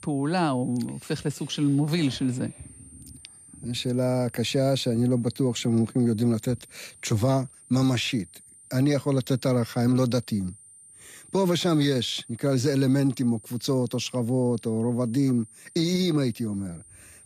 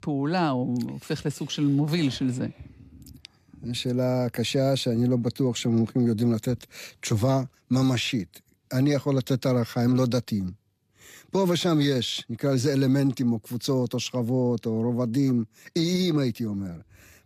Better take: second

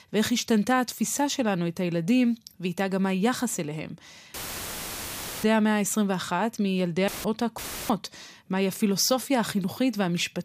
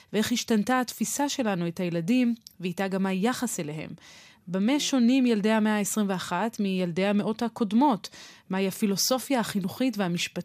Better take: second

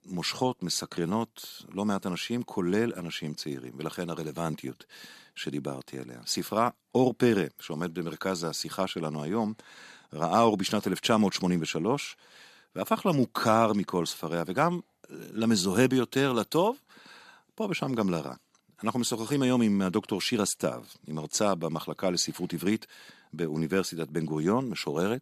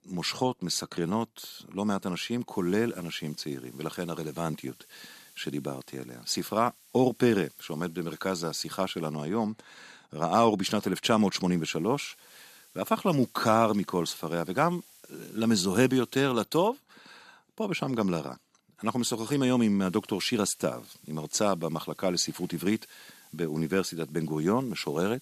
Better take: first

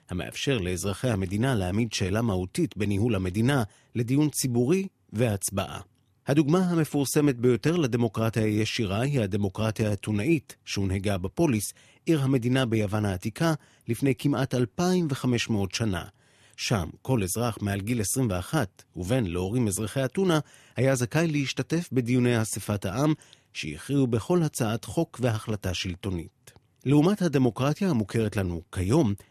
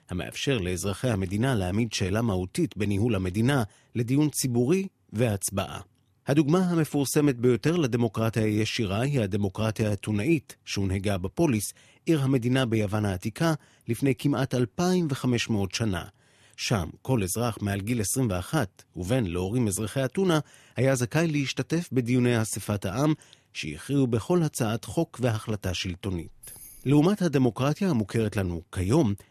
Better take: first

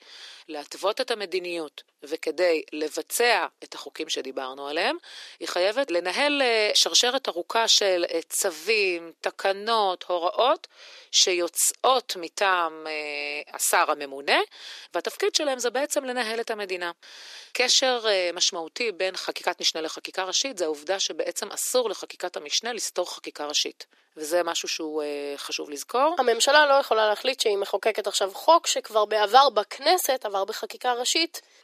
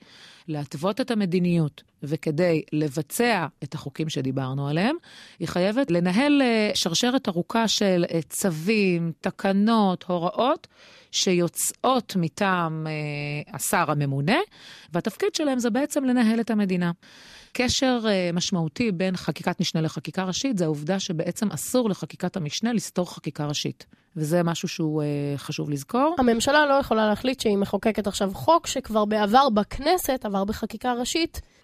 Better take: second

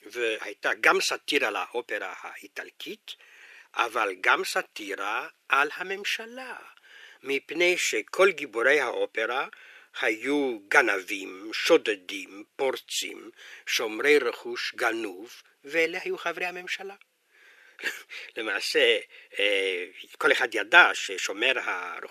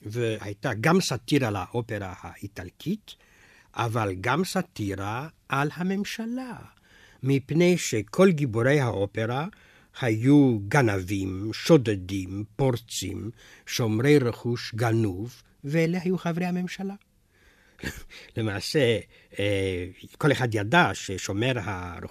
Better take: second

